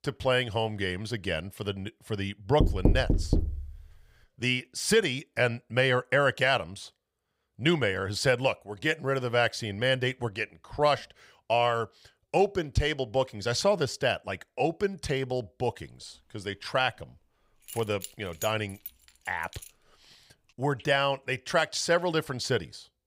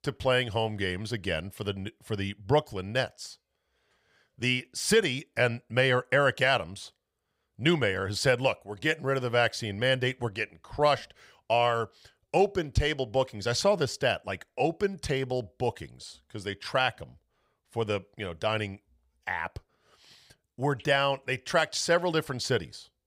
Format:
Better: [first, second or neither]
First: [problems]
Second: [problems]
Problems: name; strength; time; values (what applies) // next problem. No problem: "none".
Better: second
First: door banging; loud; from 2.5 to 3.5 s; peak 3 dB above the speech // jangling keys; faint; from 18 to 20 s; peak 10 dB below the speech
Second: none